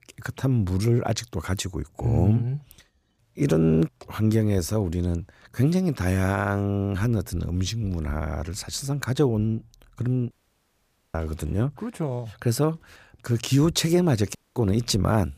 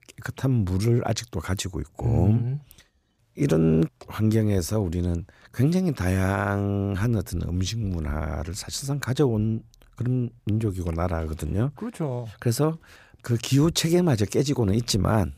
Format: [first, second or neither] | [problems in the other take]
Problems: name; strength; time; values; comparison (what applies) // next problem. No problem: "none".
second | audio cutting out; at 10 s for 1 s and at 14 s